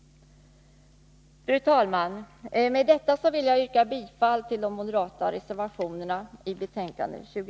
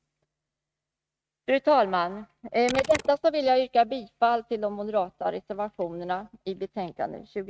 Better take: first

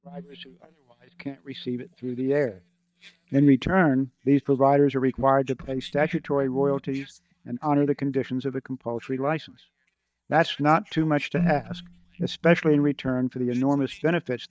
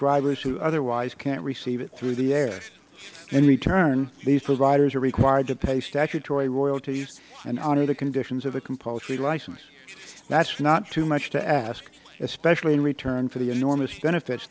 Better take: second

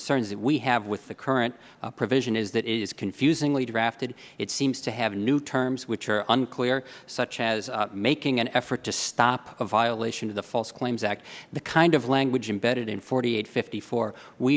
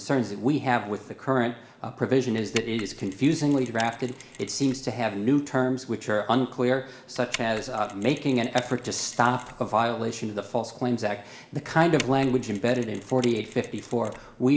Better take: first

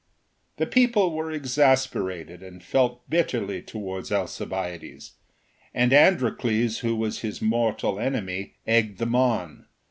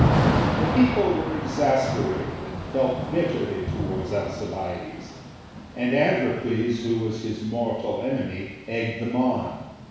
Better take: first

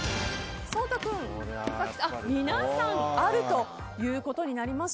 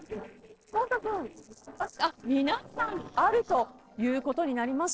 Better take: first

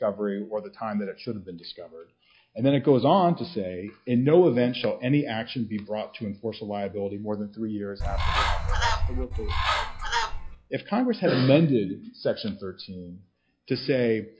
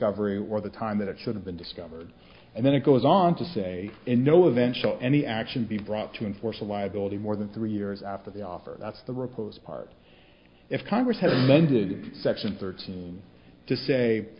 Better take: second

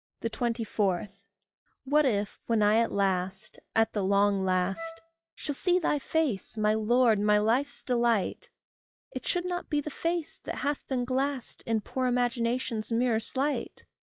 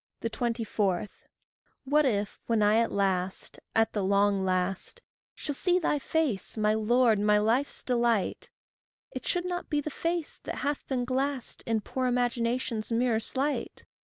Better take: second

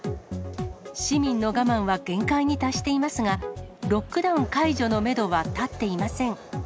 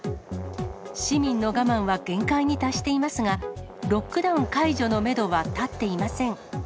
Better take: first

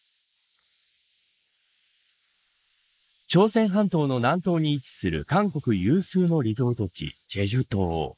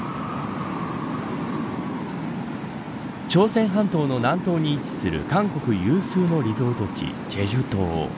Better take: second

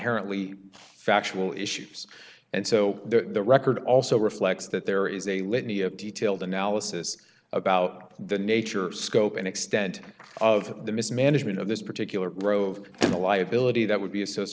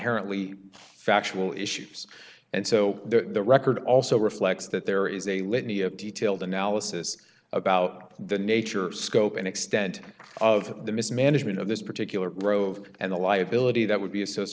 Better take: second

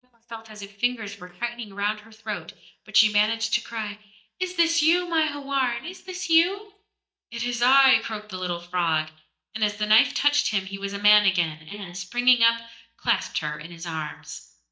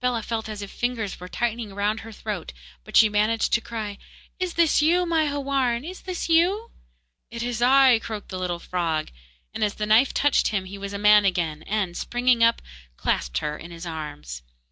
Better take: second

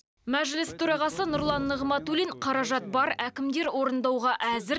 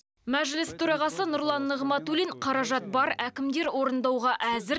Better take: second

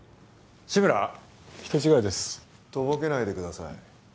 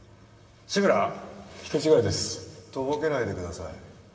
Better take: first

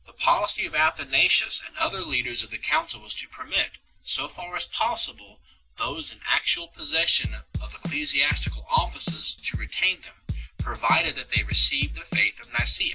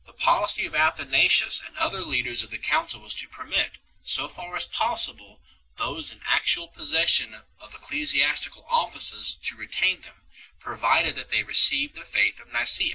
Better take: second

